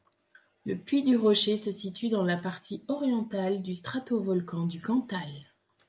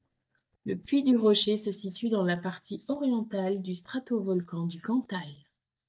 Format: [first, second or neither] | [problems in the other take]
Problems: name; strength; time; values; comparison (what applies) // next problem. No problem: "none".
first | noise reduction (neural mask model DeepFilterNet 3)